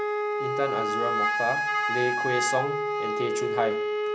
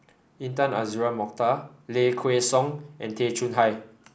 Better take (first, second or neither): second